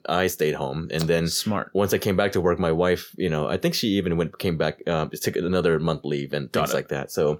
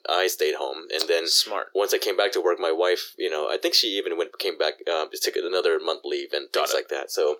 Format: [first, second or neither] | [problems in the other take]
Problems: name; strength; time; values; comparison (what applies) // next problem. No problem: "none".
first | thin; very; fading below 350 Hz